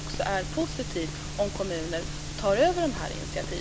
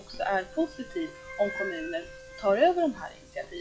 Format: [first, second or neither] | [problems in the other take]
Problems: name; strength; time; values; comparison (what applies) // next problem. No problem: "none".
first | noise reduction (classical method log-MMSE)